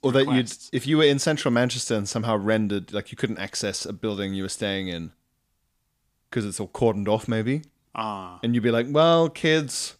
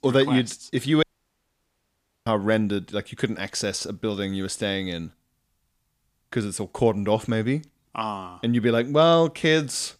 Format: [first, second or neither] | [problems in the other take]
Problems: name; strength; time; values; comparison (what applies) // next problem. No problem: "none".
first | audio cutting out; at 1 s for 1 s